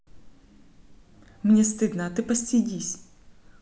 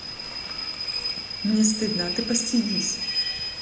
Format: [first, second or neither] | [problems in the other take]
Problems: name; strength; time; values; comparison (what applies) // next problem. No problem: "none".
first | background sound (Rain / Train); 3 dB below the speech // room echo; dies away in 0.8 s